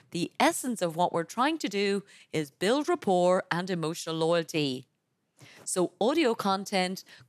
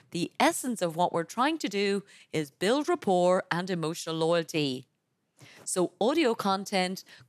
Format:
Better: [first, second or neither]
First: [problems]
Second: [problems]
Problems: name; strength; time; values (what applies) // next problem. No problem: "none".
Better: neither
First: none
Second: none